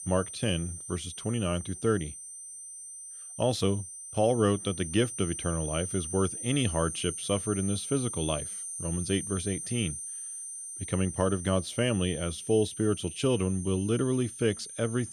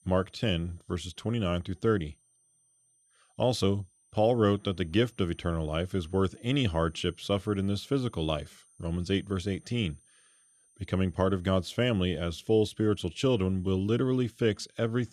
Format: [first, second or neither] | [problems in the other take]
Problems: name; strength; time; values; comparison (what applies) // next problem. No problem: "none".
second | high-pitched whine; loud; throughout; 9 kHz, 7 dB below the speech; faint in the second